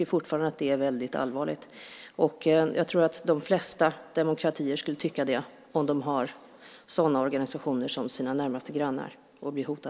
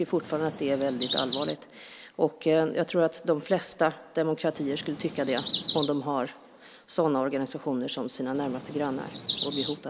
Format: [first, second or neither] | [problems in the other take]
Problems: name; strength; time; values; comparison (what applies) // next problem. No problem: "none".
first | background sound (Chirp, tweet); 11 dB below the speech